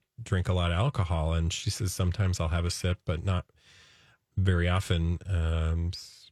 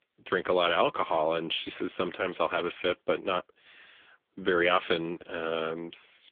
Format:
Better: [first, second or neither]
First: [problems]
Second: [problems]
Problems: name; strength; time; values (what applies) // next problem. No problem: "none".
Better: first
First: none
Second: phone-call audio; poor line; nothing above 3.5 kHz